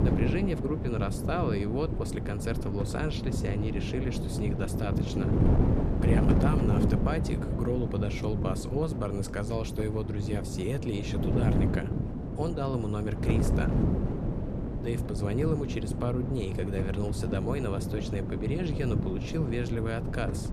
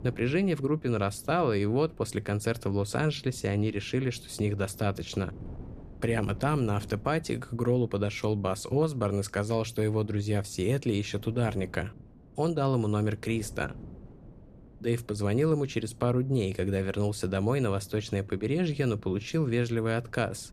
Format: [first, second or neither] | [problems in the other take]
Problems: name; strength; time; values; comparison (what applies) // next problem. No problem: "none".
second | wind noise on the microphone; heavy; 2 dB below the speech; occasional gusts in the second